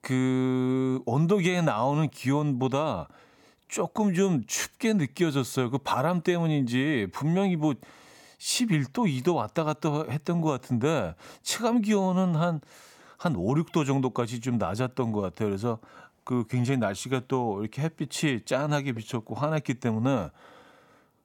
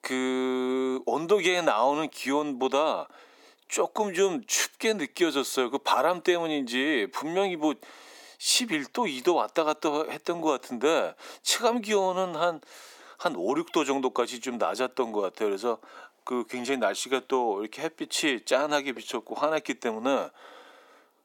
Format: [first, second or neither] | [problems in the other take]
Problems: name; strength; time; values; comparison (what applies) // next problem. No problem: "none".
first | thin; somewhat; fading below 300 Hz